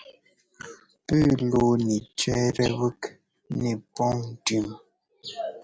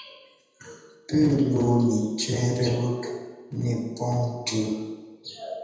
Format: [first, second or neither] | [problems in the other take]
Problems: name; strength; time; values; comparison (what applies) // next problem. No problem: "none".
first | room echo; dies away in 1.1 s